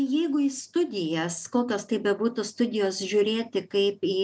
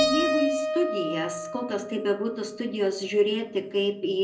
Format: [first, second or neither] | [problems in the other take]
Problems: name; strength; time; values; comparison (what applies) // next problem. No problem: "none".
first | background sound (Keyboard (musical)); 4 dB below the speech // room echo; dies away in 0.5 s